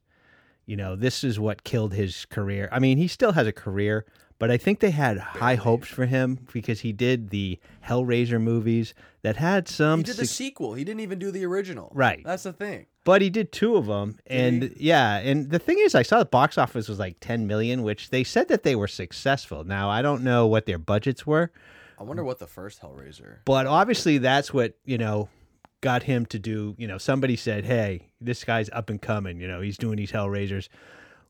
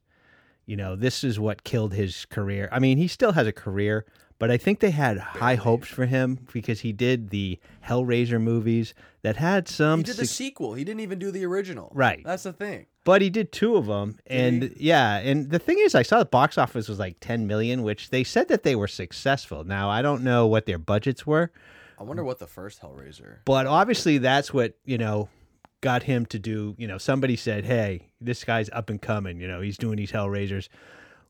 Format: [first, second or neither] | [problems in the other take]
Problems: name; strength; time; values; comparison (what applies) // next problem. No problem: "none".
neither | none